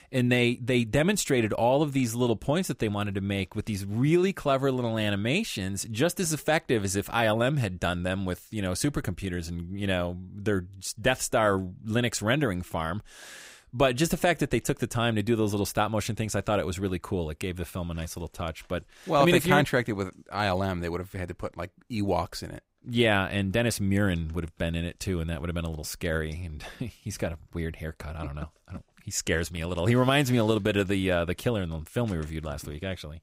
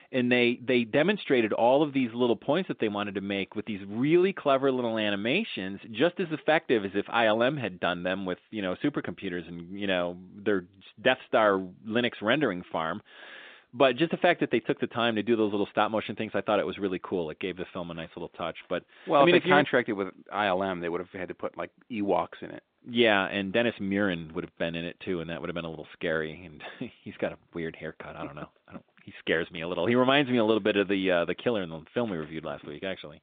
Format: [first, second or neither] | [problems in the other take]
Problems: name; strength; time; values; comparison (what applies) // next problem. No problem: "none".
first | phone-call audio; nothing above 3.5 kHz